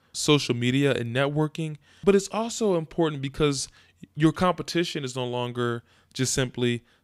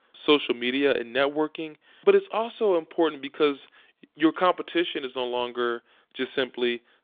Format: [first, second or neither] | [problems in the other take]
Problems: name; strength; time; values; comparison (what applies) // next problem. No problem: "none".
first | phone-call audio